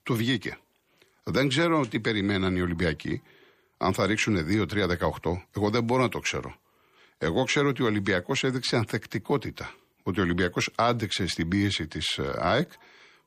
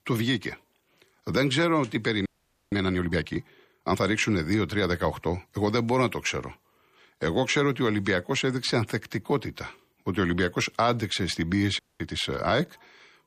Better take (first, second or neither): first